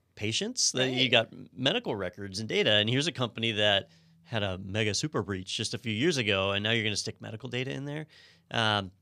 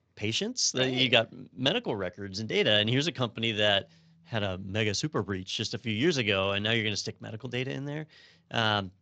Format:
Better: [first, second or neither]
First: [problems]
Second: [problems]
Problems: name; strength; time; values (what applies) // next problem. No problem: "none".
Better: first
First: none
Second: garbled, watery; slightly